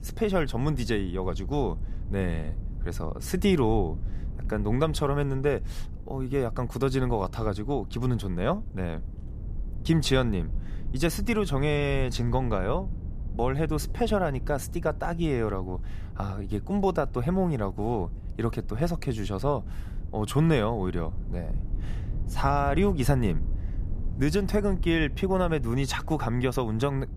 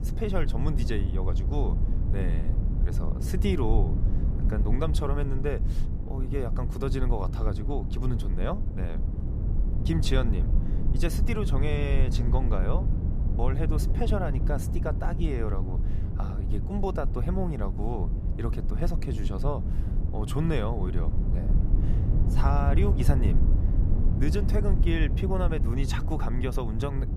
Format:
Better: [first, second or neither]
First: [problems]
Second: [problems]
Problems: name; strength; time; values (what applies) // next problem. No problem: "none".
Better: first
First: low rumble; faint; throughout; 20 dB below the speech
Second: low rumble; loud; throughout; 7 dB below the speech